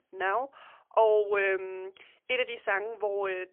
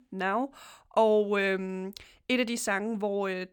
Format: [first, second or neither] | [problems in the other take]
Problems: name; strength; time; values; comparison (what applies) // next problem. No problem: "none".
second | phone-call audio; poor line; nothing above 3 kHz